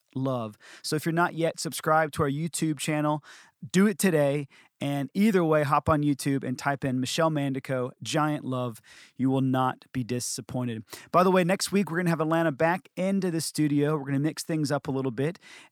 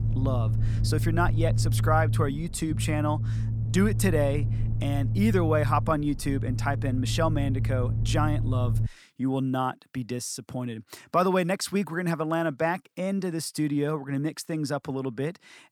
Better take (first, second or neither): first